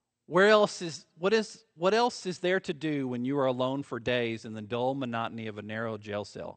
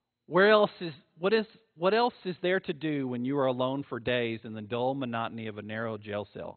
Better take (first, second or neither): first